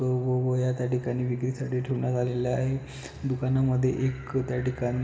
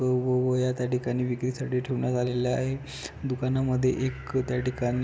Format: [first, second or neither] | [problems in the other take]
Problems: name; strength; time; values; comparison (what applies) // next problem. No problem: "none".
second | room echo; dies away in 1.5 s